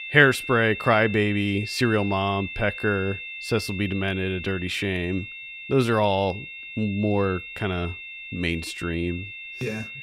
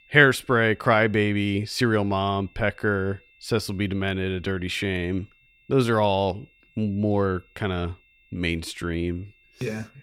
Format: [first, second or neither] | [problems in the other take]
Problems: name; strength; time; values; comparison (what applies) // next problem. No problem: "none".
second | high-pitched whine; loud; throughout; 2.5 kHz, 10 dB below the speech; faint in the second